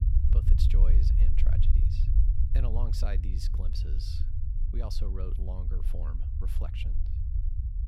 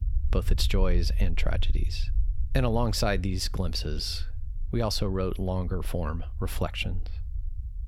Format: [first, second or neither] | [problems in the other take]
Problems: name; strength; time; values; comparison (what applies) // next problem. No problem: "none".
second | low rumble; loud; throughout; 2 dB below the speech; faint in the second